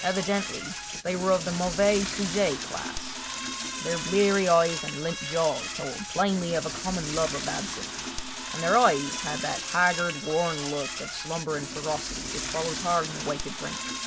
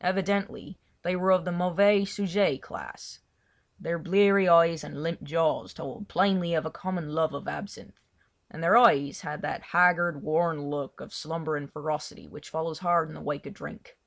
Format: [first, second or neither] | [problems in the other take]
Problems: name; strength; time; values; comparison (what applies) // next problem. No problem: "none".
second | background sound (Toilet flush / Door); 6 dB below the speech